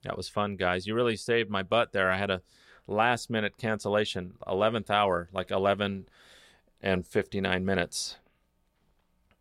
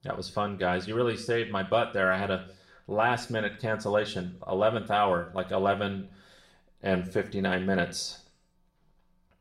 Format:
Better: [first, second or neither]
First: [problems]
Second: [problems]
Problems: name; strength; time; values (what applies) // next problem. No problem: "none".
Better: first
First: none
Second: room echo; very slight; dies away in 0.4 s // off-mic speech; somewhat distant